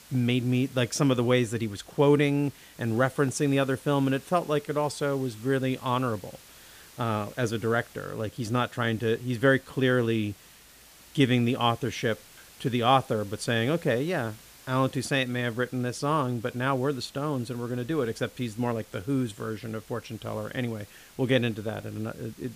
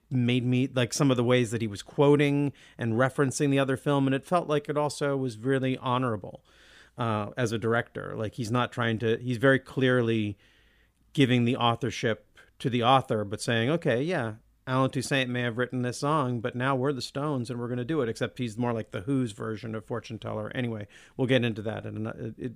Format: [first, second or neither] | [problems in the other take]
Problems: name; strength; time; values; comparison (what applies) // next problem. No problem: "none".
second | hiss; faint; throughout; 20 dB below the speech